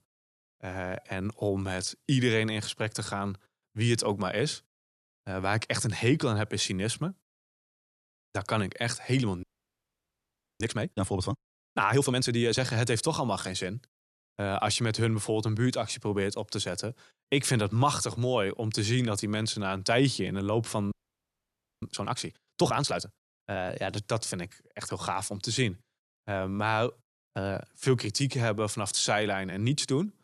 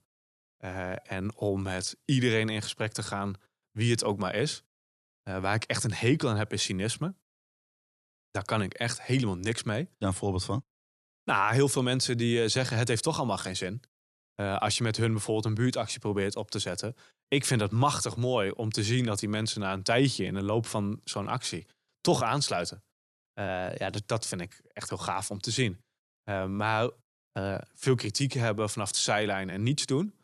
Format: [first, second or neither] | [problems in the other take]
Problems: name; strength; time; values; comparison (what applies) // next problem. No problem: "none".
second | audio freezing; at 9.5 s for 1 s and at 21 s for 1 s